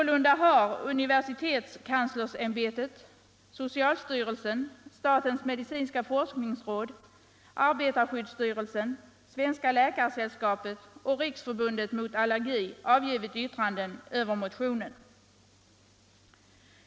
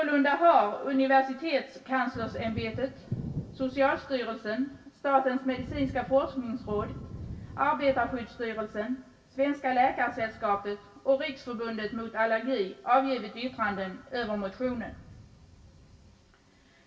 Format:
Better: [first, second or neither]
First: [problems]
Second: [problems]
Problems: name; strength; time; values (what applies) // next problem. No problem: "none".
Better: first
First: none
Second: background sound (Thunder); 16 dB below the speech // room echo; dies away in 0.2 s